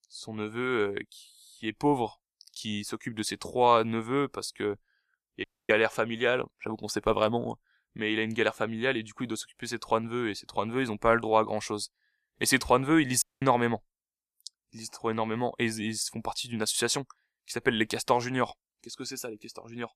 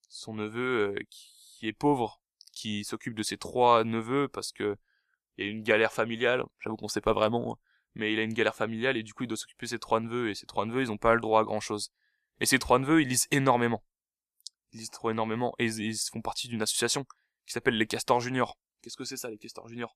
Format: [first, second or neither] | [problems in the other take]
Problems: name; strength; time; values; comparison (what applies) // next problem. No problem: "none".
second | audio cutting out; at 5.5 s and at 13 s